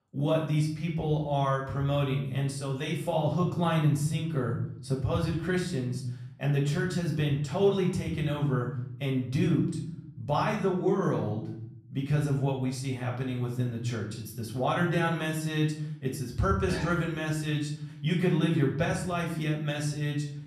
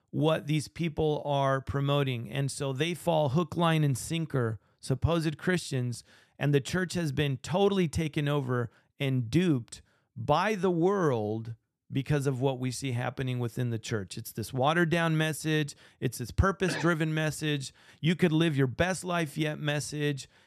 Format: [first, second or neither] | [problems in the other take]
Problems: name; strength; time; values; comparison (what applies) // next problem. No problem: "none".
second | off-mic speech; far // room echo; slight; dies away in 0.7 s